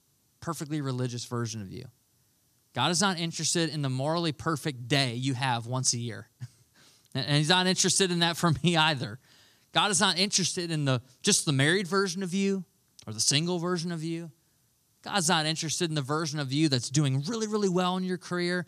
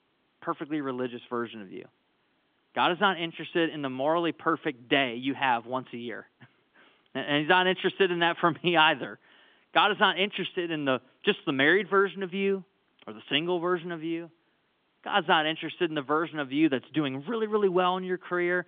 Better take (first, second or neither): first